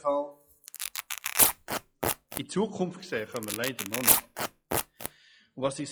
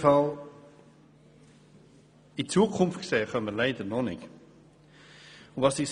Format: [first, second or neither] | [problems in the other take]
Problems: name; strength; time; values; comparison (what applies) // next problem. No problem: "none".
second | noise reduction (classical method log-MMSE)